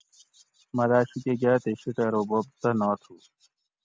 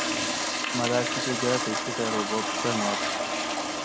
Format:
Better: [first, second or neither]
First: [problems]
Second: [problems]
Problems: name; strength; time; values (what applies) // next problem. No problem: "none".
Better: first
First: none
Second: background sound (Toilet flush); 3 dB above the speech